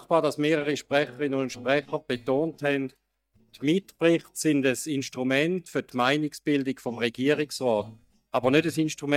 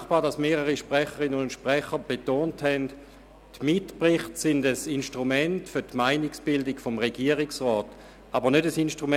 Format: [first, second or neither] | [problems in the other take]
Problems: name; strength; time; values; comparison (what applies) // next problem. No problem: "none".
second | noise reduction (neural mask model DeepFilterNet 3)